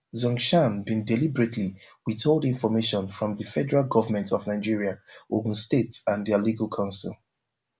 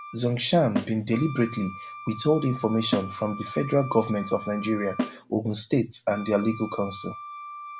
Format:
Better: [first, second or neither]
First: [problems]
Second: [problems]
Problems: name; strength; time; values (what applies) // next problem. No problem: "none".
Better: first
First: none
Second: background sound (Wind instrument, woodwind instrument + Snare drum); 11 dB below the speech